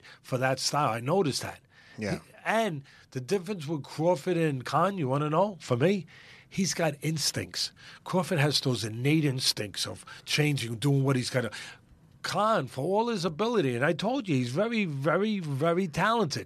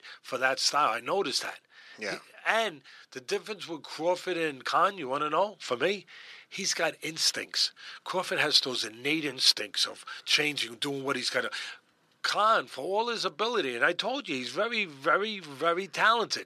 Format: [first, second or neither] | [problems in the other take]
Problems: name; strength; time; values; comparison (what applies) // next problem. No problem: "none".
first | thin; somewhat; fading below 400 Hz